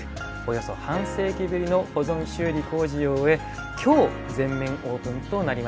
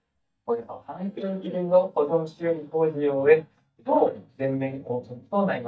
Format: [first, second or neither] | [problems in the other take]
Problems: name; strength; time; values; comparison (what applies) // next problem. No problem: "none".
first | noise reduction (neural mask model DeepFilterNet 3)